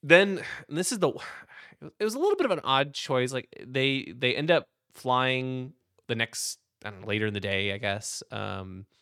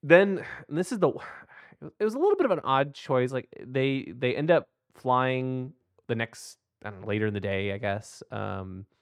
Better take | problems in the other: first | muffled; slightly; fading above 2.5 kHz

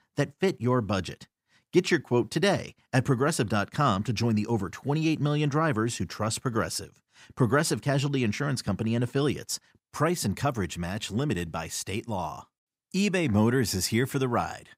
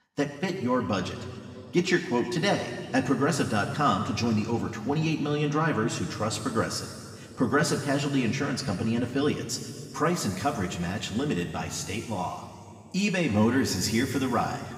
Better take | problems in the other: first | room echo; noticeable; dies away in 2.4 s // off-mic speech; somewhat distant

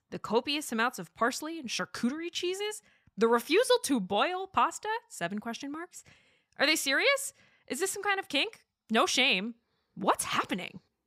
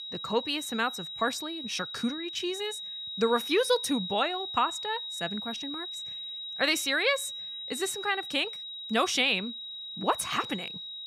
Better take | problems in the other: first | high-pitched whine; loud; throughout; 4 kHz, 6 dB below the speech

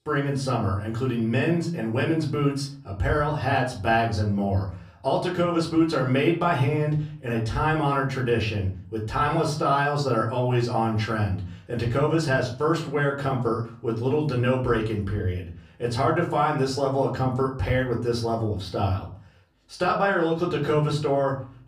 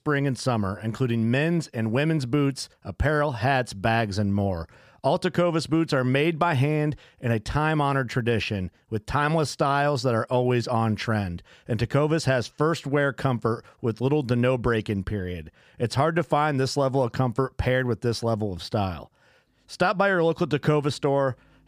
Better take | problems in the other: second | off-mic speech; far // room echo; slight; dies away in 0.4 s

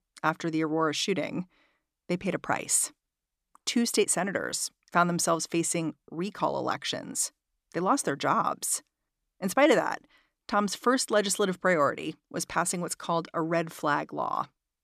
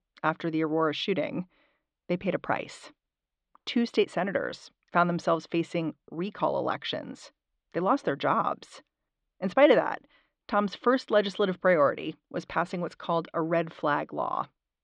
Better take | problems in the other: first | muffled; very; fading above 3.5 kHz

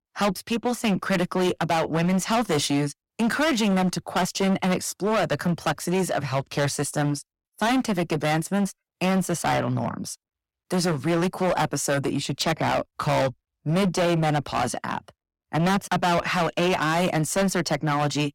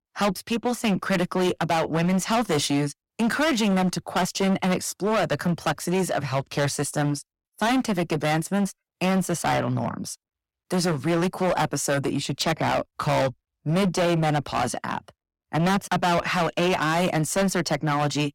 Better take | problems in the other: neither | distortion; heavy; 18% of the sound clipped; the same in both

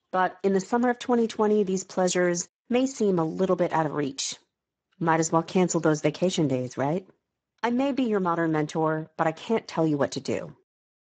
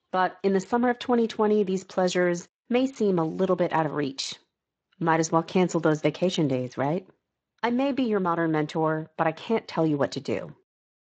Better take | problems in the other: second | garbled, watery; badly; nothing above 7.5 kHz; slightly in the second

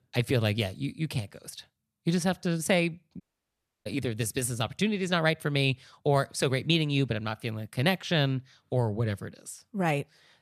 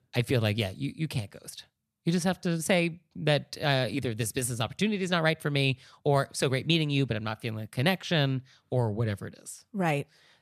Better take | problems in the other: second | audio cutting out; at 3 s for 0.5 s

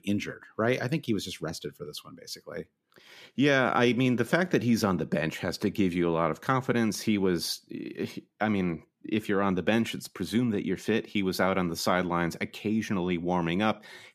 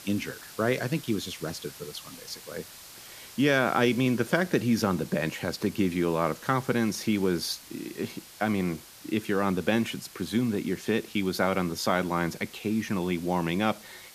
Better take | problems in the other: first | hiss; noticeable; throughout; 20 dB below the speech

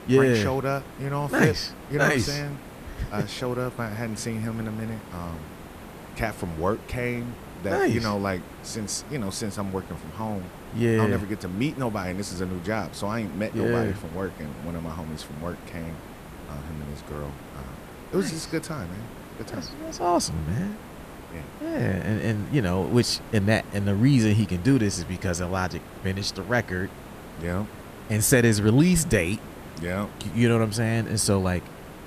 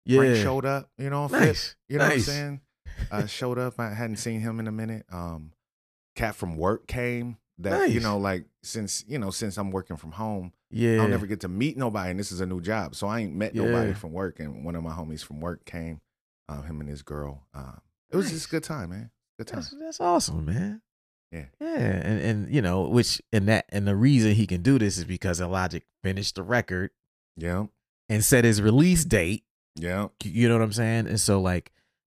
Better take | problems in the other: second | hiss; noticeable; throughout; 15 dB below the speech

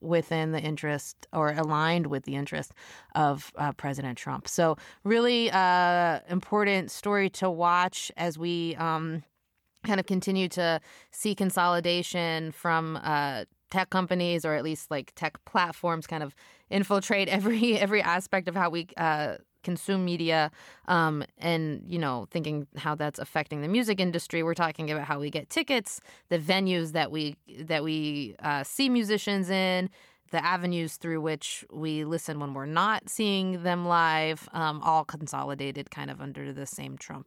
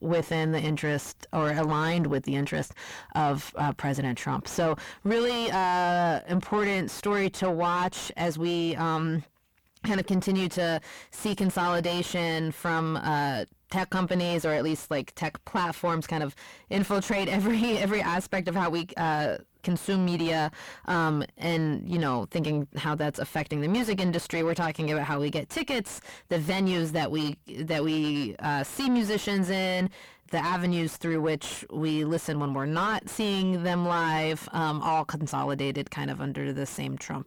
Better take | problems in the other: first | distortion; heavy; 6 dB below the speech

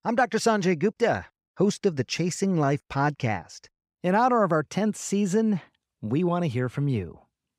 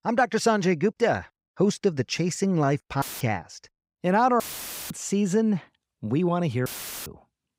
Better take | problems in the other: first | audio cutting out; filled with static; at 3 s, at 4.5 s for 0.5 s and at 6.5 s

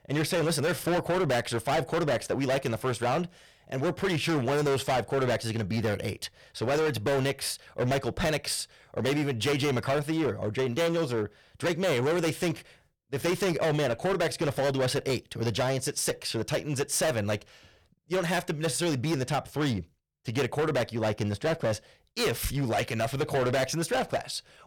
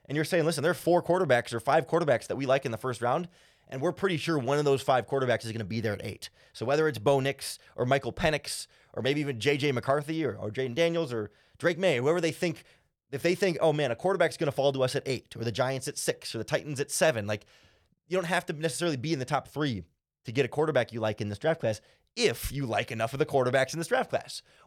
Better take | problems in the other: second | distortion; heavy; 18% of the sound clipped

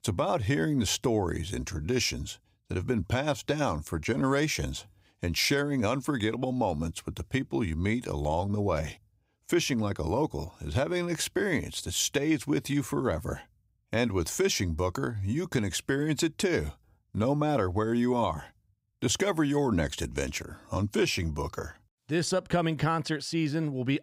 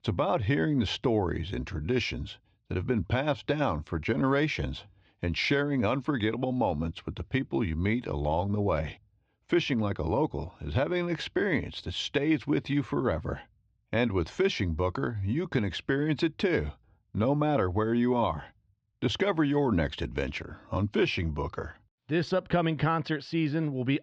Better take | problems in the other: first | muffled; slightly; fading above 4 kHz

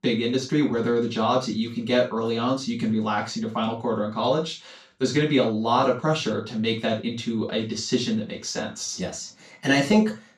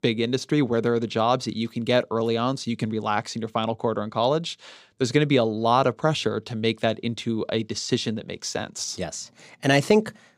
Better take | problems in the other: second | room echo; slight; dies away in 0.3 s // off-mic speech; far

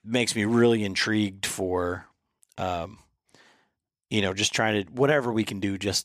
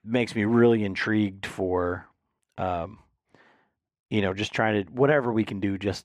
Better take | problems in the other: first | muffled; slightly; fading above 3.5 kHz

